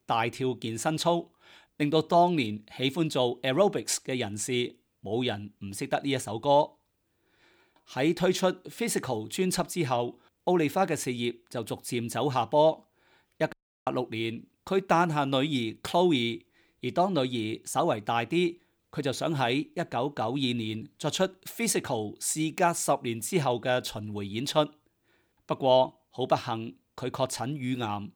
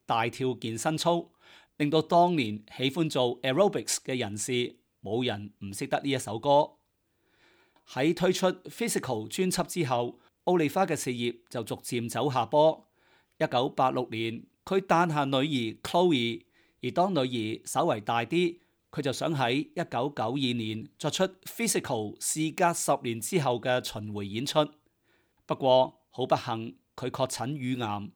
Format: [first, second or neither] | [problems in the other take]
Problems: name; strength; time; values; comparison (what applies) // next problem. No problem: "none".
second | audio cutting out; at 14 s